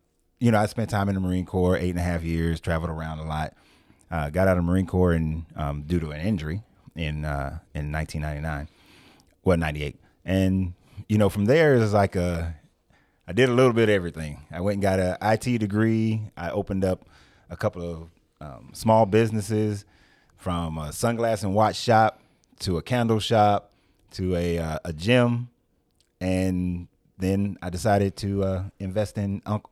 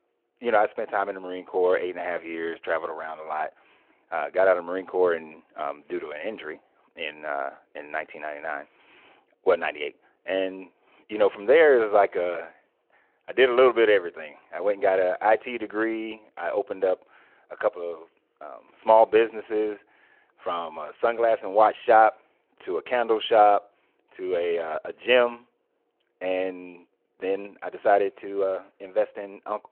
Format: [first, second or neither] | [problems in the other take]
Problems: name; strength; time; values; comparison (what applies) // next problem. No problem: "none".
first | phone-call audio